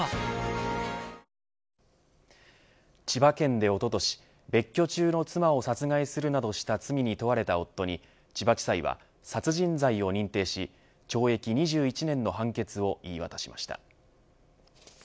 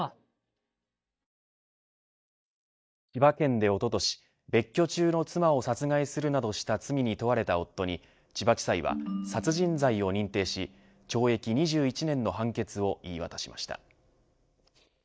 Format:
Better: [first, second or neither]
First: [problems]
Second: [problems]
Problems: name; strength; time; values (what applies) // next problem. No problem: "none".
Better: first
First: none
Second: noise reduction (neural mask model DeepFilterNet 3)